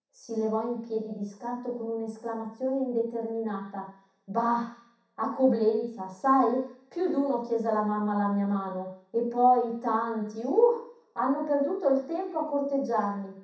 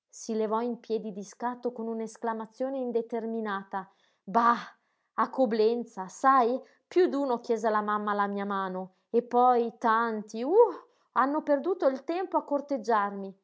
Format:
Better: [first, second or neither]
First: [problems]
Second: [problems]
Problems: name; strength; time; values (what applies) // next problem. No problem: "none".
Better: second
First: room echo; dies away in 0.7 s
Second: none